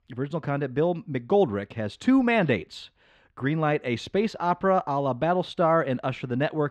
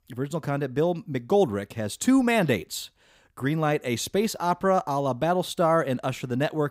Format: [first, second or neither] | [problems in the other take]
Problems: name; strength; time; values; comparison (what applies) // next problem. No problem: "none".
second | muffled; slightly; fading above 3 kHz